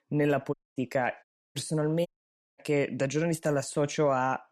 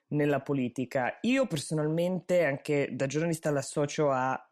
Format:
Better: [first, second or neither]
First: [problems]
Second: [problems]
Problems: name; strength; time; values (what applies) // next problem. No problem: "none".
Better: second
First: audio cutting out; at 0.5 s, at 1 s and at 2 s for 0.5 s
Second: none